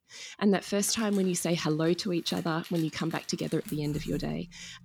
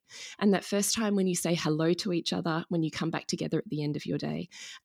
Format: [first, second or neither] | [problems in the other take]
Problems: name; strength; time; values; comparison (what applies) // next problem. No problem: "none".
second | household noises; noticeable; throughout; 15 dB below the speech